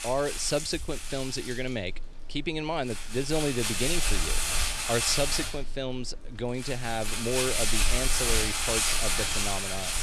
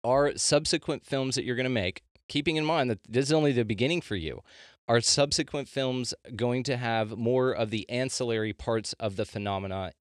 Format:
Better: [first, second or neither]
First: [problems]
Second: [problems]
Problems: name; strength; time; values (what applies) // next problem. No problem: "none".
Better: second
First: household noises; very loud; throughout; 3 dB above the speech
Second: none